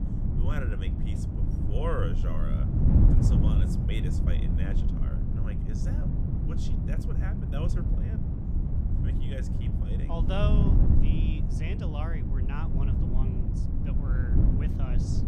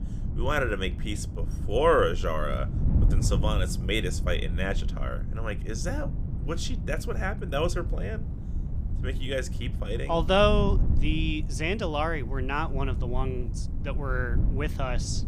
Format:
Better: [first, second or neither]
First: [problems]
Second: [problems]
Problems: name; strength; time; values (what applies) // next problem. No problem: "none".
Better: second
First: wind noise on the microphone; heavy; 1 dB above the speech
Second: wind noise on the microphone; occasional gusts; 15 dB below the speech